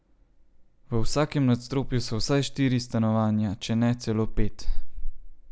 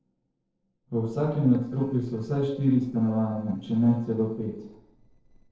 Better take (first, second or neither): first